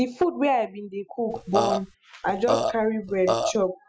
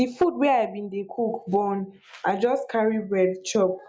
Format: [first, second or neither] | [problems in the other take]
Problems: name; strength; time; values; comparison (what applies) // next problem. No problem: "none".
second | noise reduction (classical method spectral subtraction)